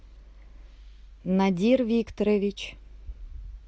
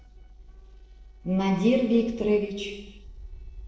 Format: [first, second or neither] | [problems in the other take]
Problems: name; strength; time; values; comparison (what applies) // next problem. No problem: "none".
first | noise reduction (neural separator model SepFormer DNS4)